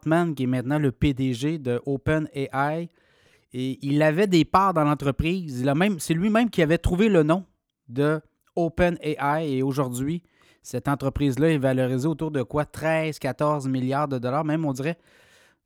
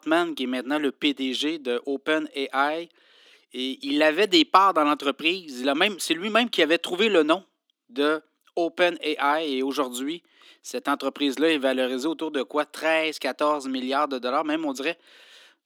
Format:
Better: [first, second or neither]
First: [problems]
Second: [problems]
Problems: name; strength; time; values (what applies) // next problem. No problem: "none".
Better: first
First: none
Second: thin; very slightly; fading below 250 Hz